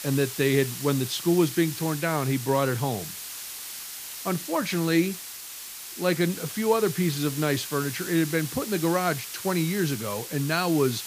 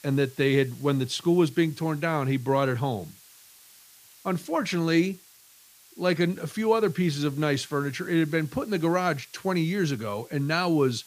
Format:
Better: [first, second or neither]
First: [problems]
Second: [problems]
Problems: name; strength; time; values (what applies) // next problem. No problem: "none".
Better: second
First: hiss; loud; throughout; 9 dB below the speech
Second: hiss; faint; throughout; 25 dB below the speech